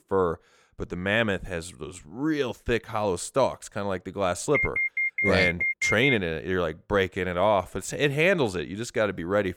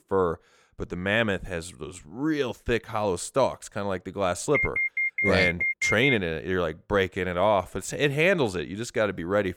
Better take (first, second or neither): neither